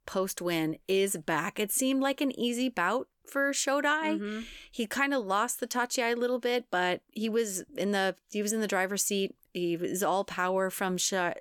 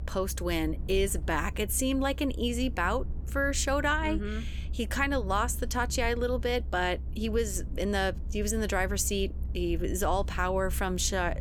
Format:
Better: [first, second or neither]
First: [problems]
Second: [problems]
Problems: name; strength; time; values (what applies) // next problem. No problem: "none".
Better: first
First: none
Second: low rumble; faint; throughout; 20 dB below the speech